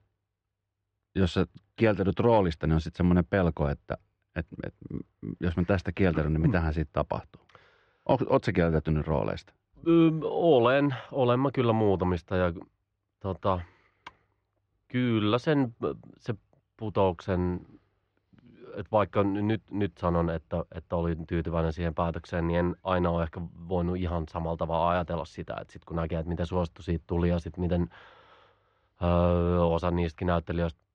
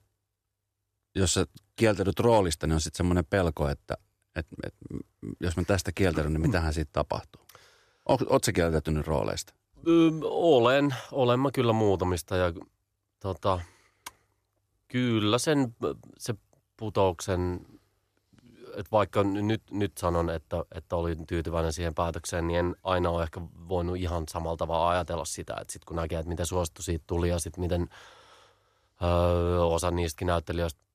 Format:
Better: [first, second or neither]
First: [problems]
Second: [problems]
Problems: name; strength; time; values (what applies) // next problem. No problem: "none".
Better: second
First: muffled; very; fading above 3 kHz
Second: none